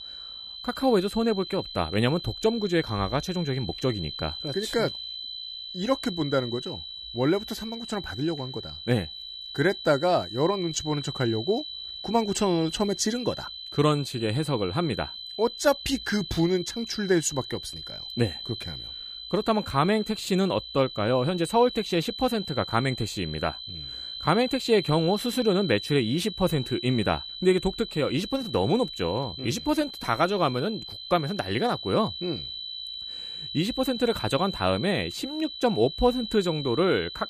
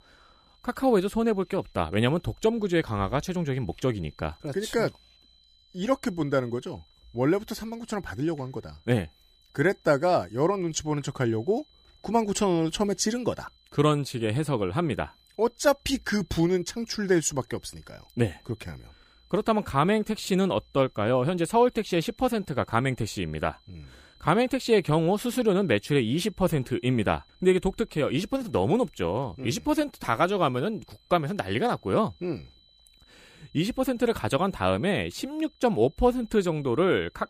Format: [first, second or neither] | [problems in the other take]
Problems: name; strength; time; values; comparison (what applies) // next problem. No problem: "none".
second | high-pitched whine; loud; throughout; 4 kHz, 9 dB below the speech; faint in the second